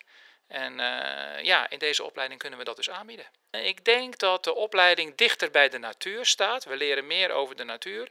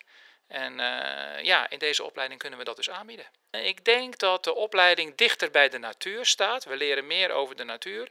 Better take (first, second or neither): neither